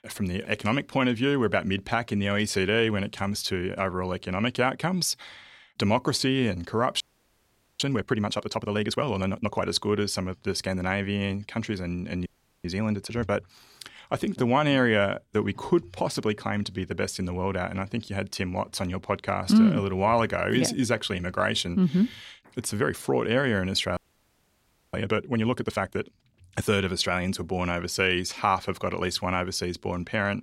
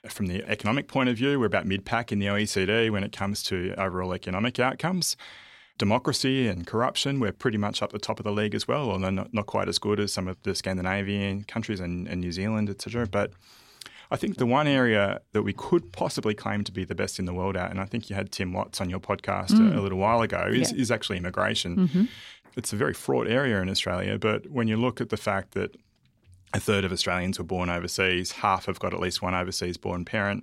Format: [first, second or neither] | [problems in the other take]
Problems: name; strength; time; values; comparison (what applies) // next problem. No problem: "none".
second | audio freezing; at 7 s for 1 s, at 12 s and at 24 s for 1 s